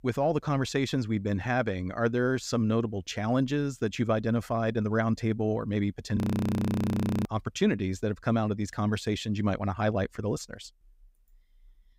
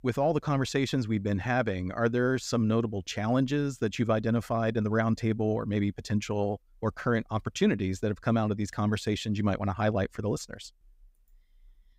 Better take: second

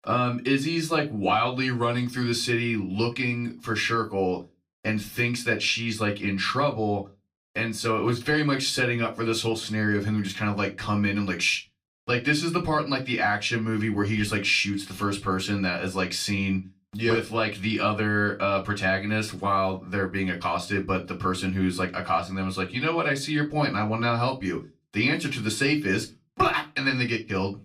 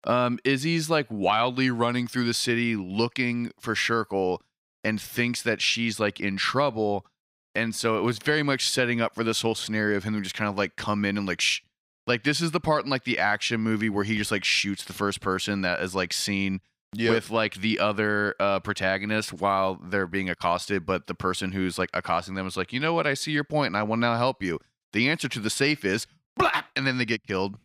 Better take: second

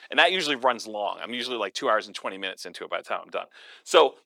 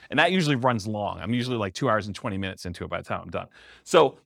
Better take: second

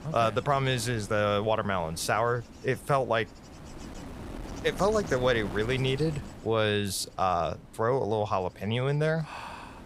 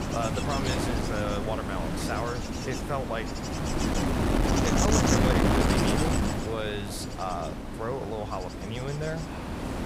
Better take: first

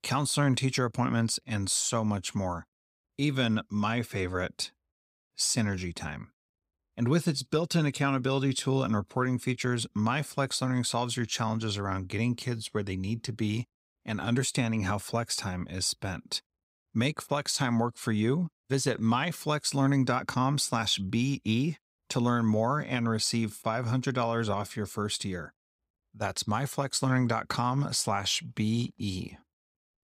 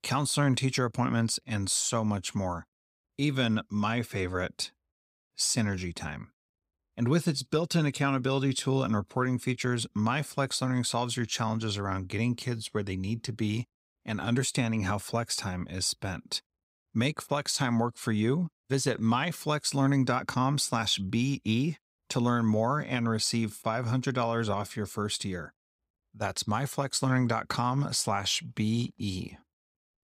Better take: neither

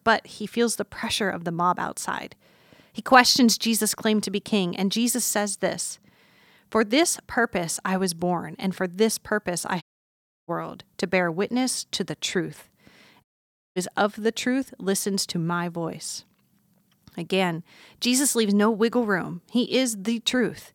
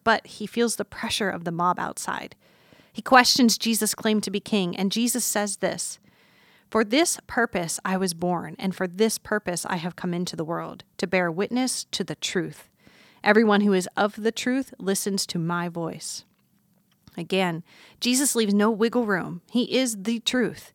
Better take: second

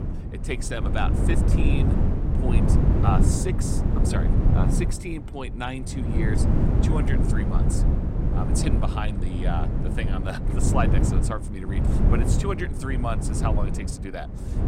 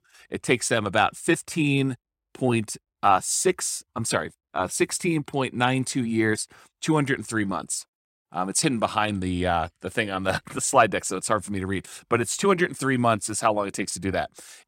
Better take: second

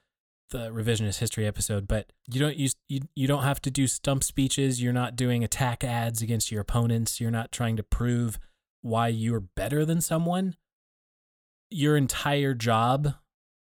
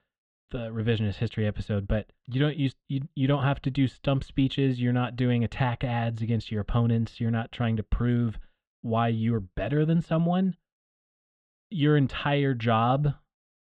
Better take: first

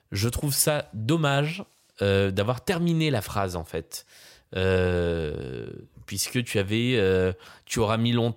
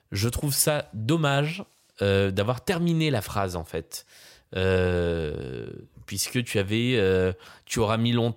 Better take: neither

